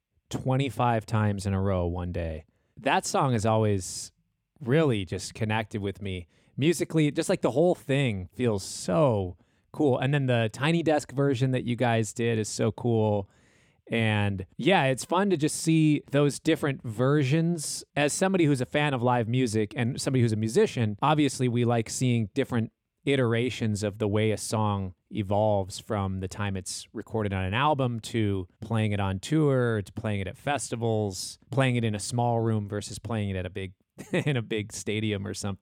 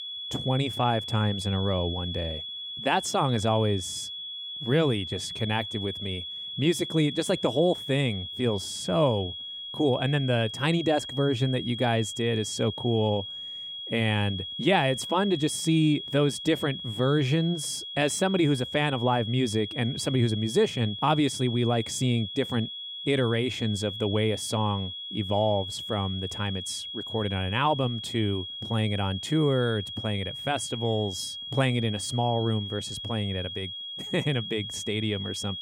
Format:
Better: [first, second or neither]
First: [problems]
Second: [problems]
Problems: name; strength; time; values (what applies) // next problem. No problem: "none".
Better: first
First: none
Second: high-pitched whine; loud; throughout; 3.5 kHz, 7 dB below the speech